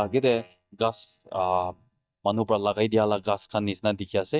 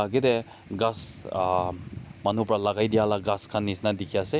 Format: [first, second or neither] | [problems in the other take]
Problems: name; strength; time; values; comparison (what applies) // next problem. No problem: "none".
second | noise reduction (neural mask model DeepFilterNet 3)